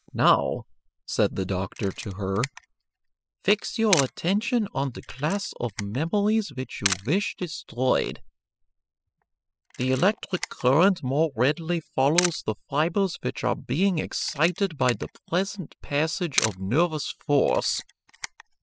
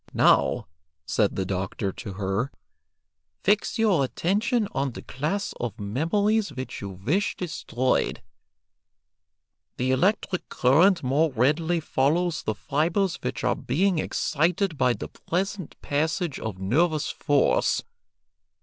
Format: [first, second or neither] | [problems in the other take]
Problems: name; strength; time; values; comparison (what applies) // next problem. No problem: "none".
second | noise reduction (classical method spectral subtraction)